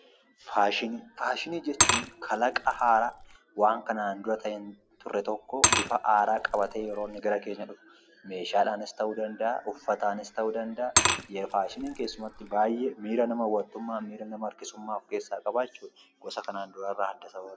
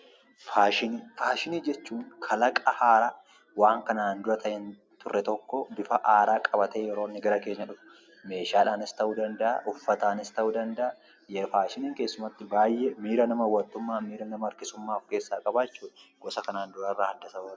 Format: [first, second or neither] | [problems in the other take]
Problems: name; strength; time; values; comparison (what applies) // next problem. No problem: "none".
second | background sound (Glass / Liquid); 2 dB below the speech